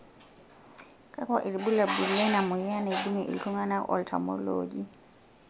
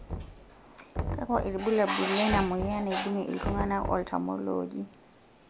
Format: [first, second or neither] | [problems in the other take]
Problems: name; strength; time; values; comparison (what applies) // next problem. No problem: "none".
first | background sound (Knock); 8 dB below the speech